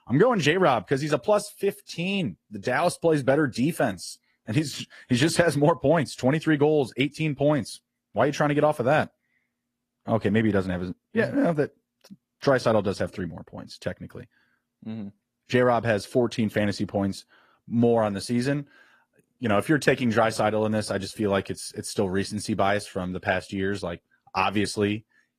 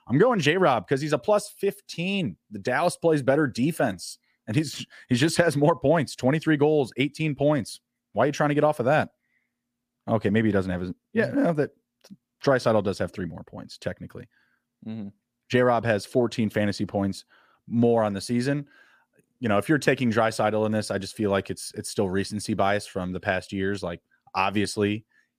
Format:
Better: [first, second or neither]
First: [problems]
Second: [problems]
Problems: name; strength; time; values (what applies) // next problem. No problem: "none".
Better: second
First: garbled, watery; slightly; nothing above 14.5 kHz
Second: none